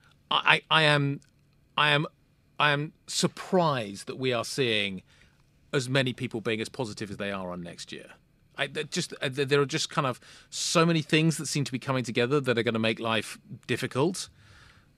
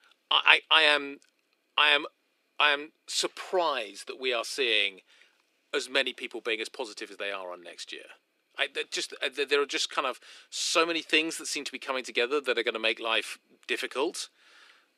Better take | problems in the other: first | thin; very; fading below 300 Hz

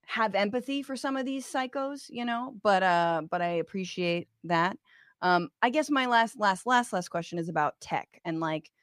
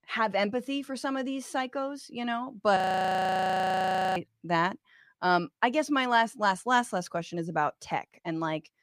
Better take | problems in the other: first | audio freezing; at 3 s for 1.5 s

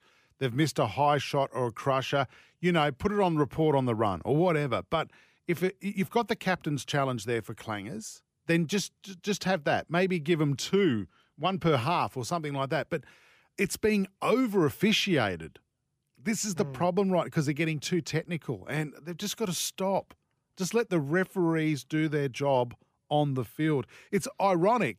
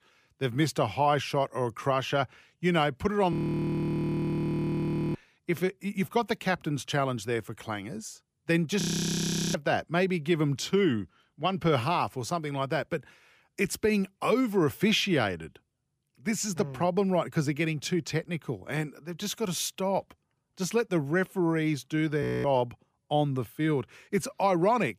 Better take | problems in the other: first | audio freezing; at 3.5 s for 2 s, at 9 s for 0.5 s and at 22 s

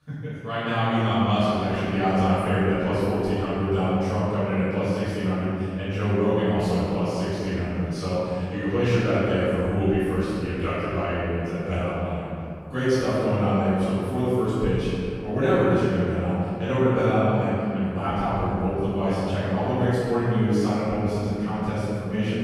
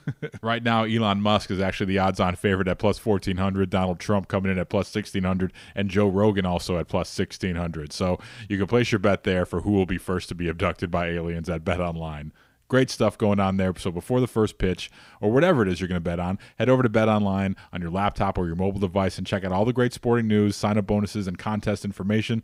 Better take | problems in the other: second | off-mic speech; far // room echo; strong; dies away in 2.5 s

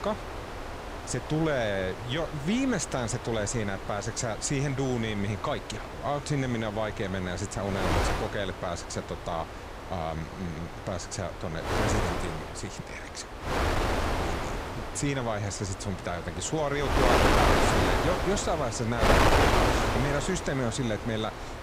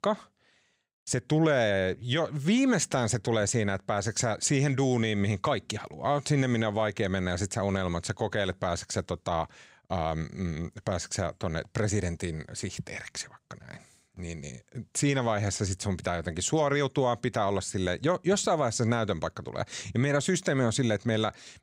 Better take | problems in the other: second | wind noise on the microphone; heavy; 2 dB above the speech

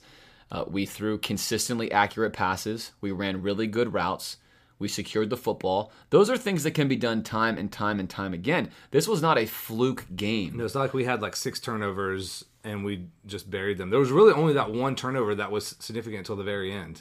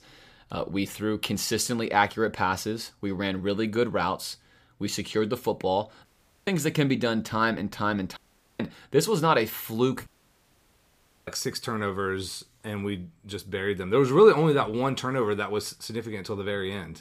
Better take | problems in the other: first | audio cutting out; at 6 s, at 8 s and at 10 s for 1 s

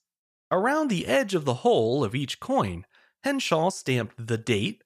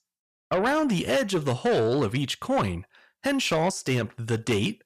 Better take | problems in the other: first | distortion; slight; 10 dB below the speech

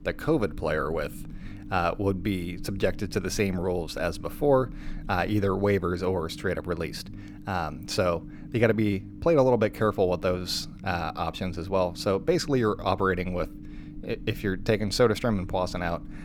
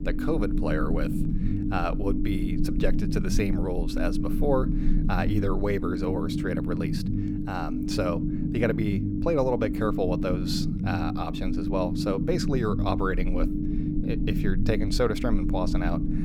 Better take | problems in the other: first | low rumble; loud; throughout; 4 dB below the speech; faint in the first

